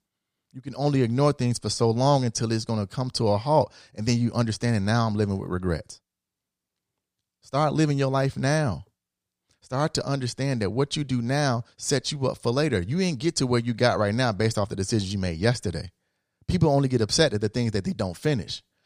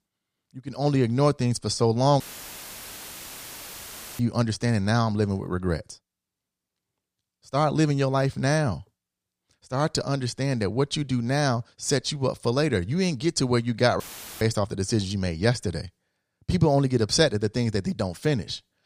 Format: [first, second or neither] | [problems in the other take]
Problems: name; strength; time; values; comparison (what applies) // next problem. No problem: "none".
first | audio cutting out; filled with static; at 2 s for 2 s and at 14 s